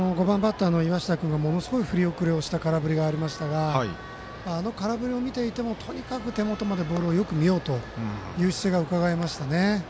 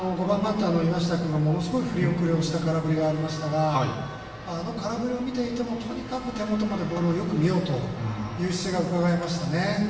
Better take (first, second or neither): first